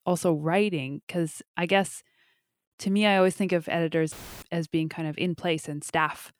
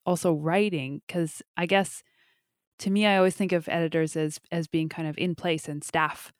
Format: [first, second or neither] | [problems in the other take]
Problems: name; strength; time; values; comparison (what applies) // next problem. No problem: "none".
second | audio cutting out; filled with static; at 4 s